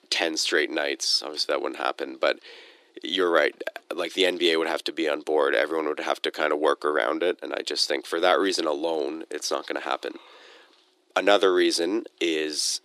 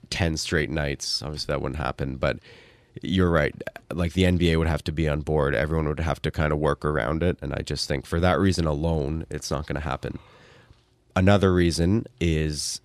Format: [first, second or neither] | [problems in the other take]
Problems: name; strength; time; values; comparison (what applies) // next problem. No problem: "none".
second | thin; very; fading below 300 Hz